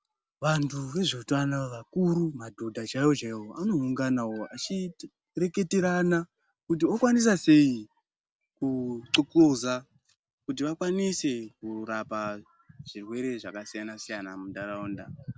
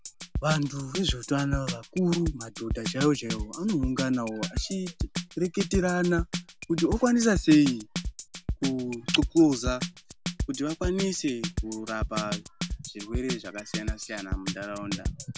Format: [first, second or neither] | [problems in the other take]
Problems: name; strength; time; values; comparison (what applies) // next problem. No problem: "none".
first | background sound (Drum kit); 6 dB below the speech